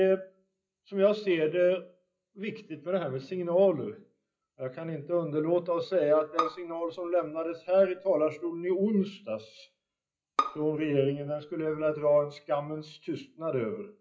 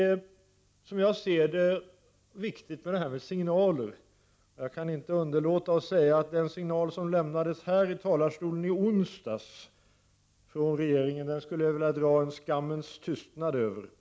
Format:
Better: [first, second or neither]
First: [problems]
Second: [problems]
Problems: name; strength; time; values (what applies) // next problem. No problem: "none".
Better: second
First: noise reduction (classical method WPE with log-MMSE)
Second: none